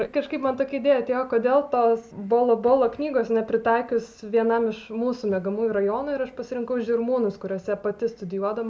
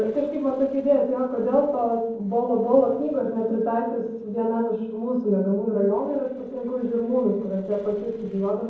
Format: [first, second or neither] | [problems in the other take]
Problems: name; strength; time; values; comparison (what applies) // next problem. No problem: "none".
first | noise reduction (neural separator model SepFormer DNS4)